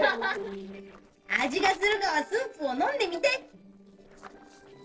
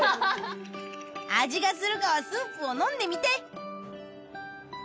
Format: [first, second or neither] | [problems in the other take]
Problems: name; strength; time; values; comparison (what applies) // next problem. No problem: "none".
second | noise reduction (neural separator model SepFormer DNS4)